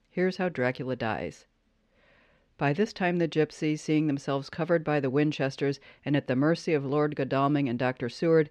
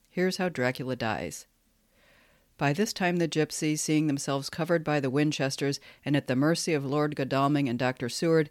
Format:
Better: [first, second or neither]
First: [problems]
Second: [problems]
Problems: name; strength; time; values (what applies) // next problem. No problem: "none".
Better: second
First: muffled; slightly; fading above 3.5 kHz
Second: none